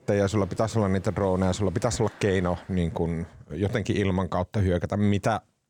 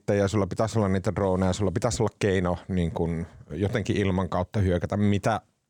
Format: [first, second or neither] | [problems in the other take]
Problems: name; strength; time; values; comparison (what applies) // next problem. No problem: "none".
second | crowd noise; faint; until 3 s; 25 dB below the speech